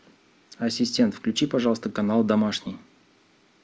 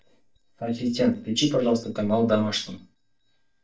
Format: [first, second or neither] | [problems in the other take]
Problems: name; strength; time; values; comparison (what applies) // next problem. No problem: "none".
first | noise reduction (neural mask model DeepFilterNet 3)